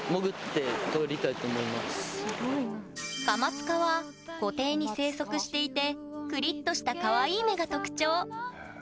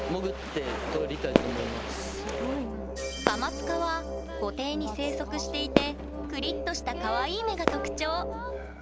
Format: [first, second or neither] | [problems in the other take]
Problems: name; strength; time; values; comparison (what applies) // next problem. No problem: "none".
first | background sound (Fireworks + Musical instrument); as loud as the speech